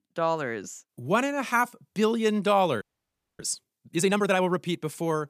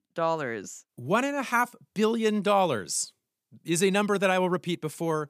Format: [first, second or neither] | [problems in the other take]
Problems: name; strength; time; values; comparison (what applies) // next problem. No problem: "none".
second | audio freezing; at 3 s for 0.5 s